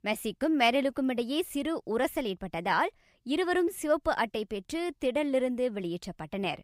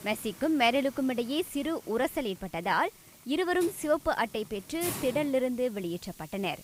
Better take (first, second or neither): first